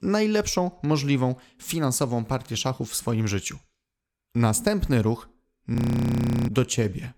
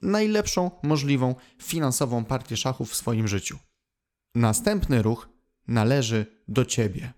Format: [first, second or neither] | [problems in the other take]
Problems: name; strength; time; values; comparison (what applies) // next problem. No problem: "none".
second | audio freezing; at 6 s for 0.5 s